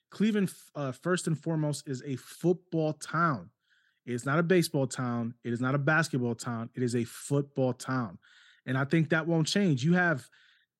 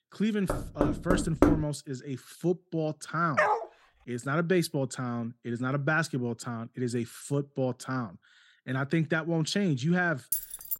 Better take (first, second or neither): first